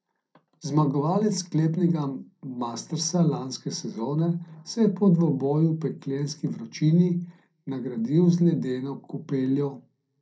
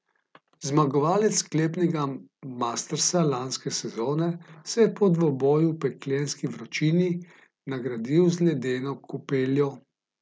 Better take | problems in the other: second | room echo; dies away in 0.3 s

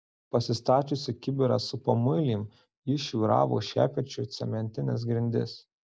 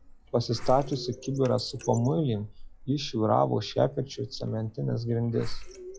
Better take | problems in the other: first | noise reduction (classical method log-MMSE)

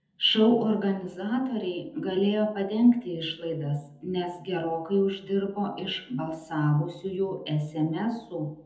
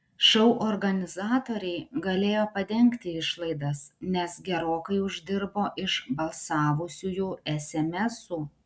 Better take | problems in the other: second | room echo; dies away in 0.8 s

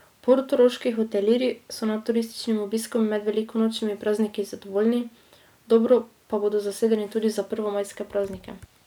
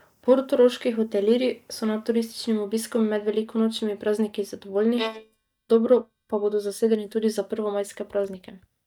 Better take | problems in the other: first | noise reduction (neural mask model DeepFilterNet 3)

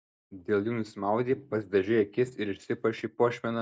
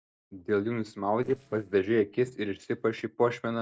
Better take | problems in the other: first | noise reduction (neural separator model SepFormer DNS4)

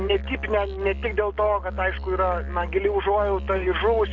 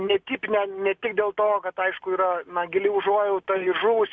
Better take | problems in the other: second | background sound (Musical instrument); 8 dB below the speech

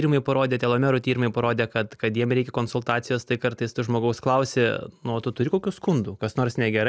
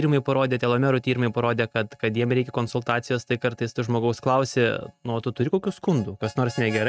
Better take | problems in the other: first | noise reduction (neural mask model RNNoise)

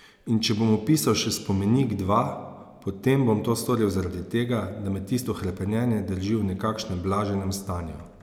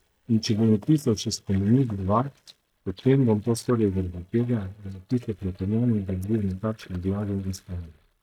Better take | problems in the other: first | noise reduction (neural mask model DeepFilterNet 3)

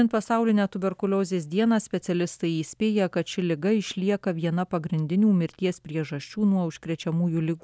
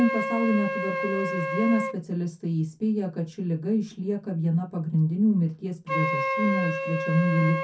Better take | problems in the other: first | background sound (Wind instrument, woodwind instrument); 5 dB below the speech // room echo; dies away in 0.3 s

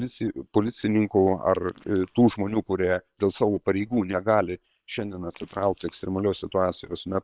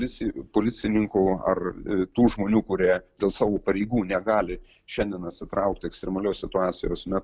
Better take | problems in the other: second | noise reduction (neural separator model SepFormer WHAM!)

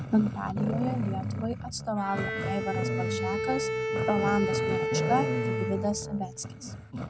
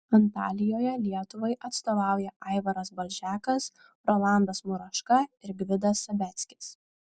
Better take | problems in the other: second | background sound (Growling + Bowed string instrument); 1 dB above the speech

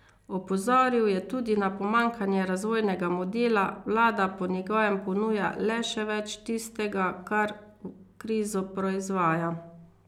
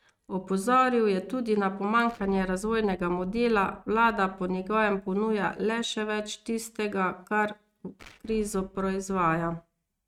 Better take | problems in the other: first | noise reduction (neural mask model RNNoise)

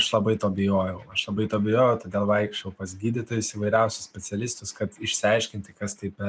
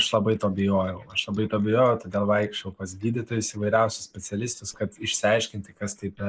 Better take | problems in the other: first | noise reduction (neural mask model Resemble Enhance denoiser)

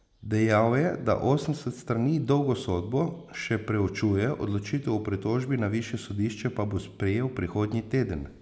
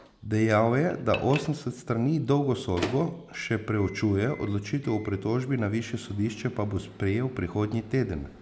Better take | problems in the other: first | background sound (Microwave oven); 17 dB below the speech

